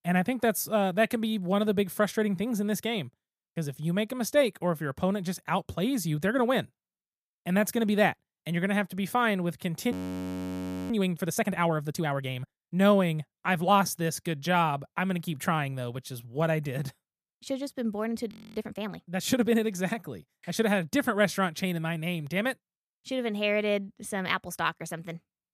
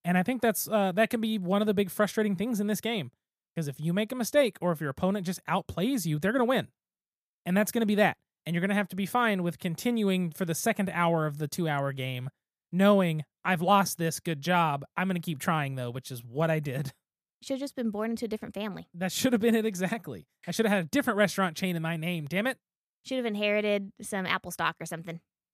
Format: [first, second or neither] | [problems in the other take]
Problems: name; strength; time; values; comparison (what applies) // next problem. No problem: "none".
second | audio freezing; at 10 s for 1 s and at 18 s